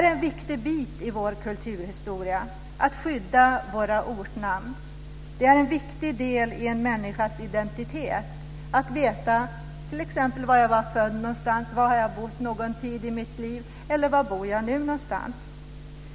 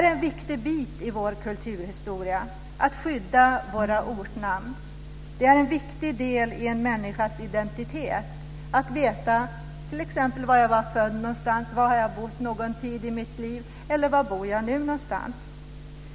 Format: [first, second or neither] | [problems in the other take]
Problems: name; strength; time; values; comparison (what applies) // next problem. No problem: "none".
first | background sound (Bowed string instrument); 18 dB below the speech